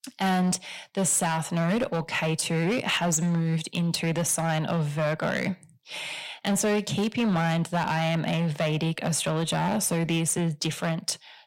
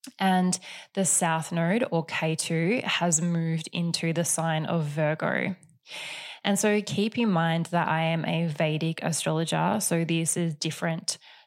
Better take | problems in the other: second | distortion; slight; 12% of the sound clipped

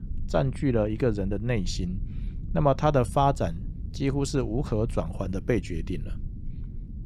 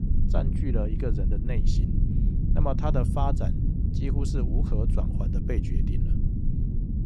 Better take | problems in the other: first | low rumble; loud; throughout; 4 dB below the speech; faint in the first

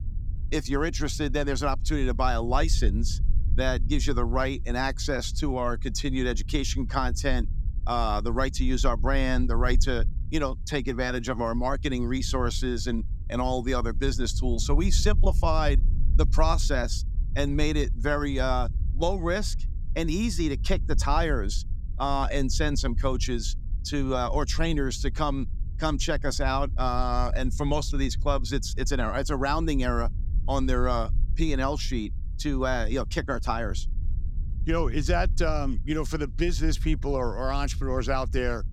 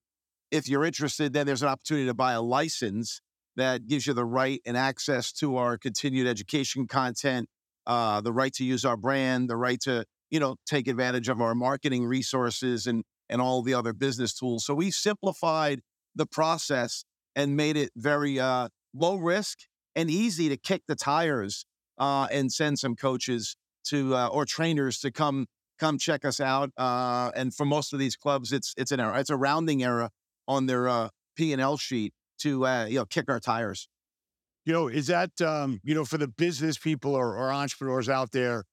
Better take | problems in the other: second | low rumble; faint; throughout; 20 dB below the speech

